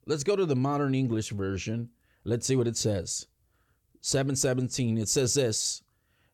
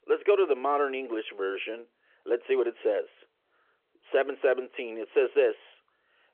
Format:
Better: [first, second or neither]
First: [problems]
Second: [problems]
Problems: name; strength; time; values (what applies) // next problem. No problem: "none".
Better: first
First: none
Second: phone-call audio